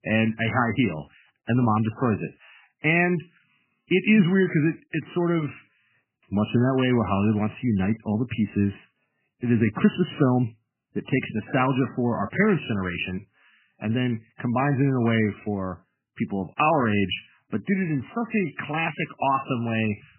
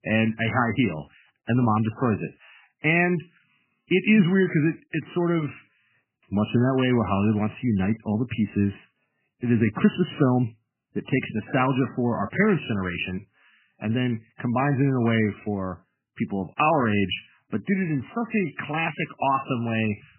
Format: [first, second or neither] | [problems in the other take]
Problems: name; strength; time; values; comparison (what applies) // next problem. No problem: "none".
neither | garbled, watery; badly; nothing above 3 kHz; the same in both